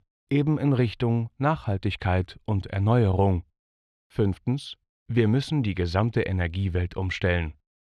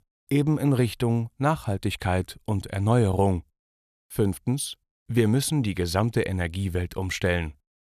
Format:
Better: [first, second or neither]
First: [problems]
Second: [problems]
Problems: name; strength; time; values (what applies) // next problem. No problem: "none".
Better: second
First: muffled; very slightly; fading above 3 kHz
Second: none